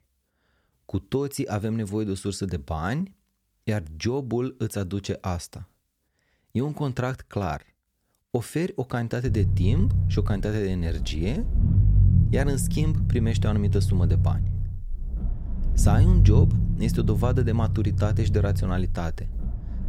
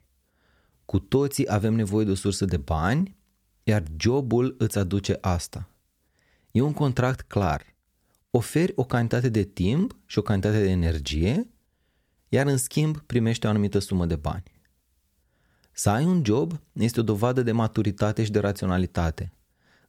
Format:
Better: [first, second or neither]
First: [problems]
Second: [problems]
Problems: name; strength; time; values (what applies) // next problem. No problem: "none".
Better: second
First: low rumble; loud; from 9.5 s on; 6 dB below the speech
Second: none